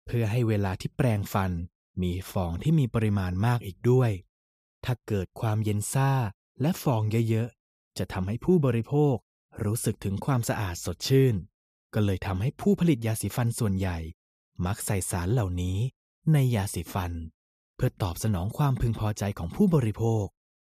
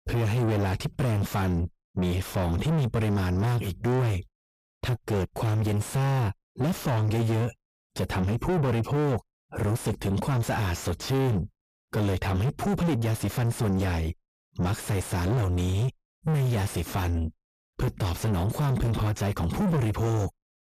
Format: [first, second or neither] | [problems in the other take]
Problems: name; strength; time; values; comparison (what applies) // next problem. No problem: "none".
first | distortion; heavy; 5 dB below the speech